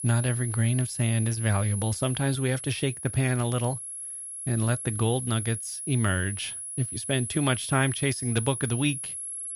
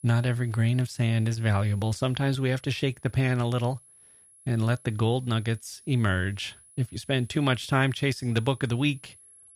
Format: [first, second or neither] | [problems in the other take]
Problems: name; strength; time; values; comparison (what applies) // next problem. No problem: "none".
second | high-pitched whine; loud; throughout; 11 kHz, 6 dB below the speech; faint in the second